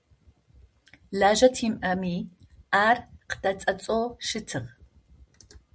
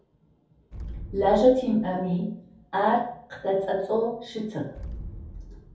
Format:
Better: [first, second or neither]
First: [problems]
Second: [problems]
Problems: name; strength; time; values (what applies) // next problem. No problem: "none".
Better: first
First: none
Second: background sound (Explosion); 15 dB below the speech // room echo; dies away in 0.6 s